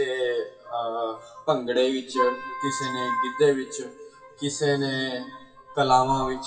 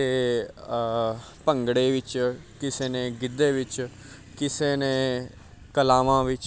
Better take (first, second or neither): second